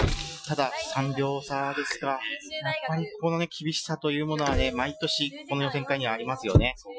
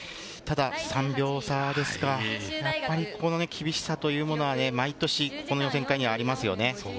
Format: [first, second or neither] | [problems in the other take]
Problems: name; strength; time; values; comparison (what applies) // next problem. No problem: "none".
second | noise reduction (classical method Wiener filter)